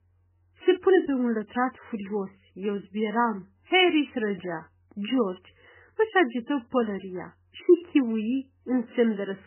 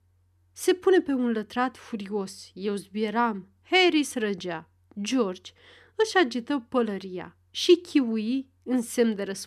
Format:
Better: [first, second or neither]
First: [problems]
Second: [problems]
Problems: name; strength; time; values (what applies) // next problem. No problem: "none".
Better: second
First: garbled, watery; badly; nothing above 3 kHz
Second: none